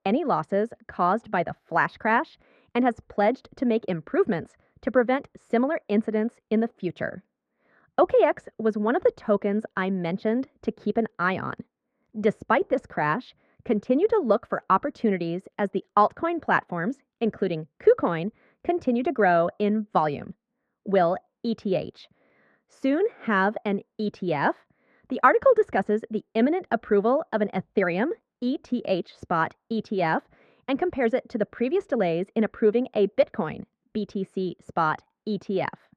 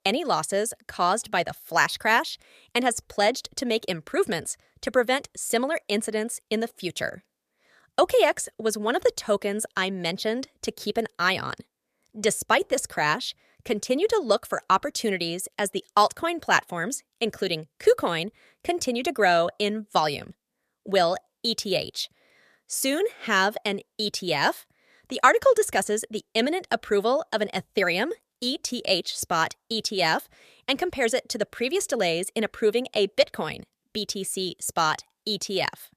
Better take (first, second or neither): second